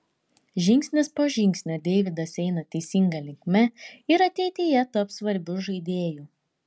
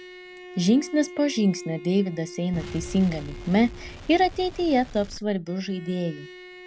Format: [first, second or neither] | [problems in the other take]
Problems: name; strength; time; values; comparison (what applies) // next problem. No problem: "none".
first | background sound (Bowed string instrument + Explosion); 15 dB below the speech